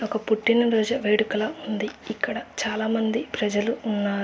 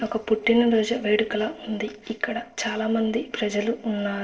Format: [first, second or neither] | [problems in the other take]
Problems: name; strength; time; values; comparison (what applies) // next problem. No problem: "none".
first | noise reduction (neural separator model SepFormer DNS4)